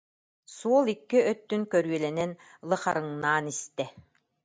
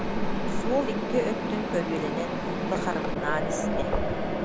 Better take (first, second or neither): first